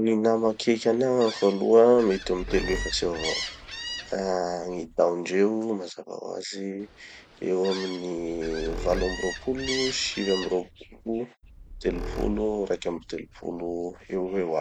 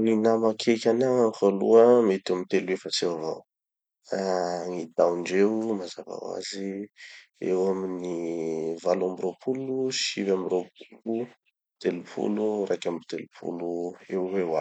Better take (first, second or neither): second